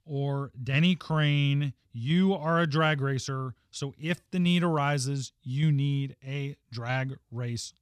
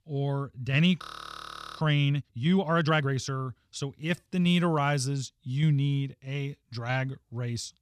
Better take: first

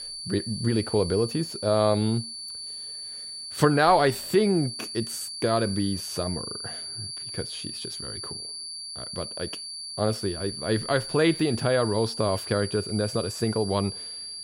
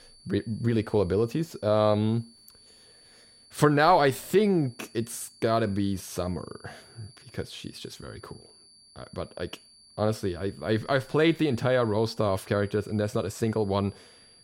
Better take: second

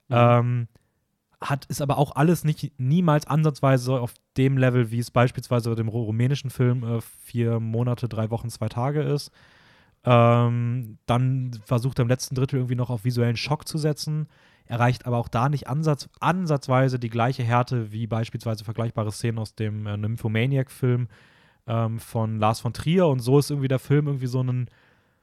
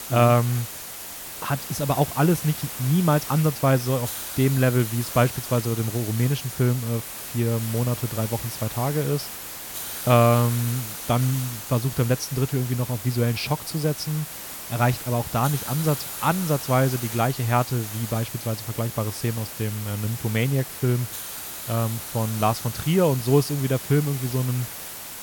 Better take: first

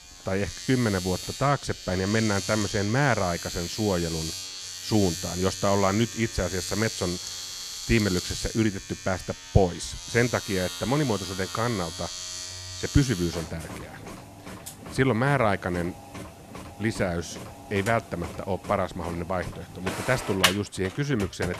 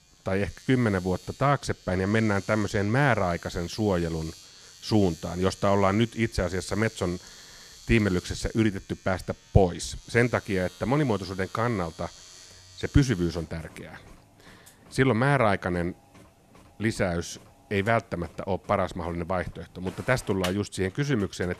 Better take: second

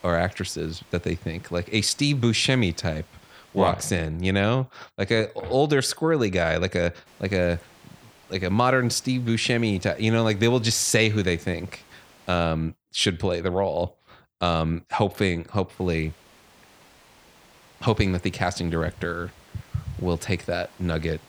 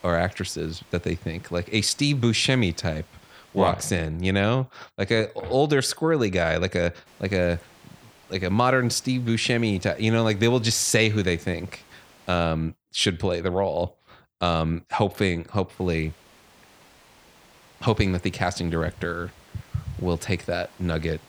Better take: neither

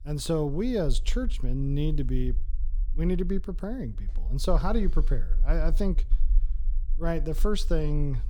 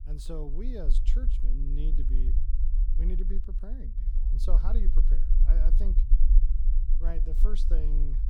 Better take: first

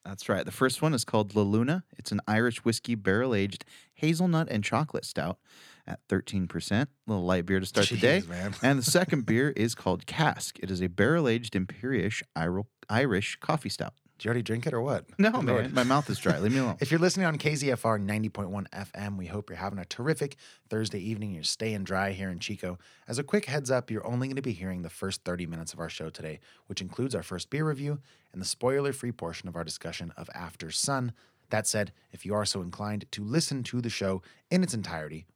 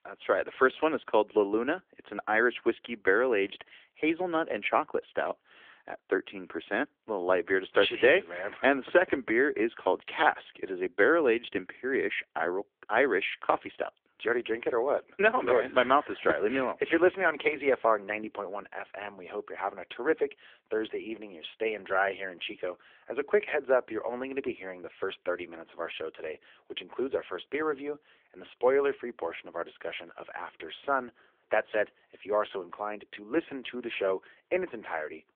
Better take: first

